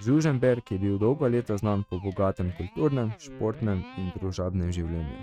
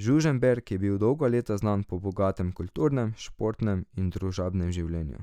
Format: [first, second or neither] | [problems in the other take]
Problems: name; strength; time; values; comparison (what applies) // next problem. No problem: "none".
second | noise reduction (neural mask model RNNoise)